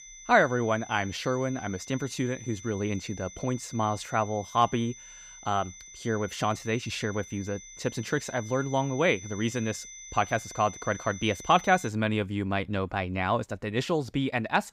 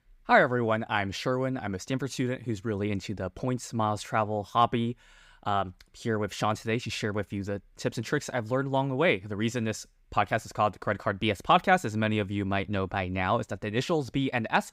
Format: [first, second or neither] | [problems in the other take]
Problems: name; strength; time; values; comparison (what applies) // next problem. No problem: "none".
second | high-pitched whine; noticeable; until 12 s; 6 kHz, 15 dB below the speech